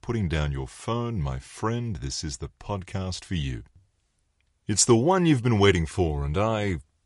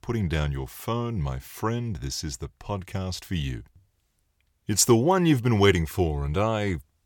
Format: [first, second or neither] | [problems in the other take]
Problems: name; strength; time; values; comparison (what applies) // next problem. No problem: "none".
second | garbled, watery; slightly; nothing above 10.5 kHz